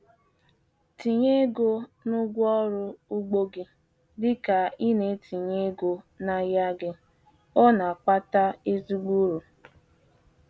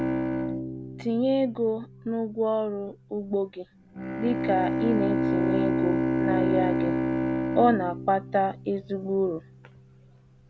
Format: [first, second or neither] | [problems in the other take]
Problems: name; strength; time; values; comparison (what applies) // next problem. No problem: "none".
first | background sound (Bowed string instrument); 1 dB below the speech